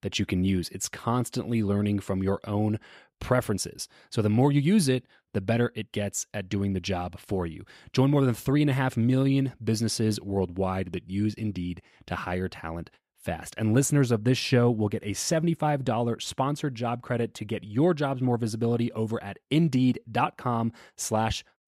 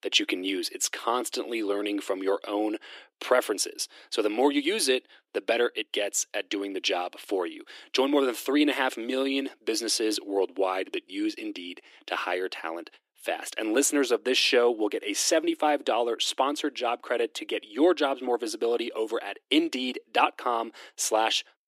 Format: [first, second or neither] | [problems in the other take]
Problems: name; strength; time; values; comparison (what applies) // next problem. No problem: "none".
first | thin; somewhat; fading below 300 Hz